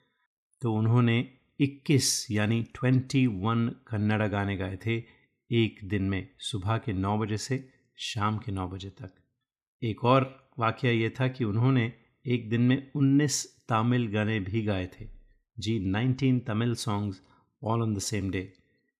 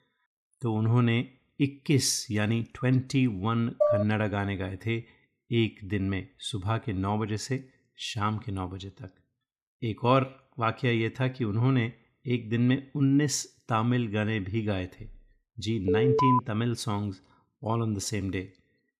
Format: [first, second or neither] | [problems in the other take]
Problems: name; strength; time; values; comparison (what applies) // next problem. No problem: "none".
first | clattering dishes; loud; at 4 s; peak 3 dB above the speech // alarm; loud; at 16 s; peak 4 dB above the speech